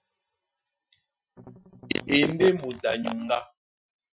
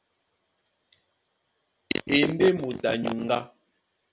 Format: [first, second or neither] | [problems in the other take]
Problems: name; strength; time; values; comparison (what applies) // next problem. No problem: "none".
second | noise reduction (classical method Wiener filter)